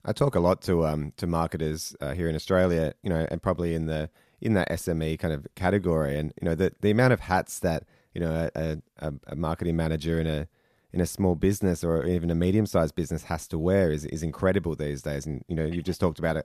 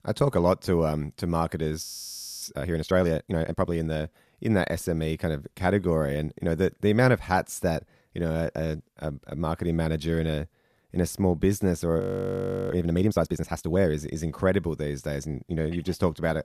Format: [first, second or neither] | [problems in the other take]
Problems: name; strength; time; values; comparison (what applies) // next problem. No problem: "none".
first | audio freezing; at 2 s for 0.5 s and at 12 s for 0.5 s